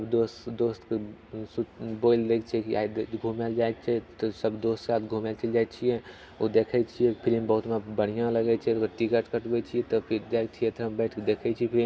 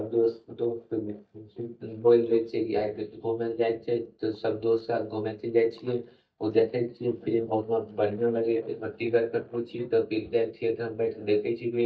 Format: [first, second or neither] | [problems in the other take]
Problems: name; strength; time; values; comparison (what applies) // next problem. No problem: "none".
first | noise reduction (neural mask model DeepFilterNet 3)